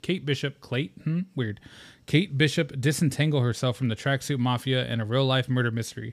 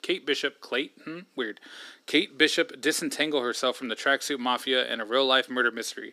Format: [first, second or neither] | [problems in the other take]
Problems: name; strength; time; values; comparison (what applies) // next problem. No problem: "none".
first | thin; somewhat; fading below 300 Hz